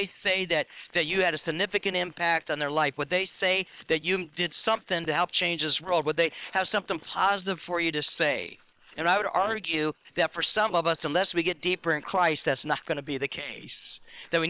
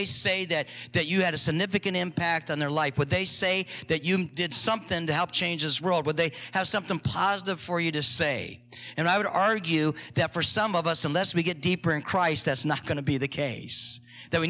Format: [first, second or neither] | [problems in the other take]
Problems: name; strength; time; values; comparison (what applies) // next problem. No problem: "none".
second | noise reduction (neural separator model SepFormer WHAM!)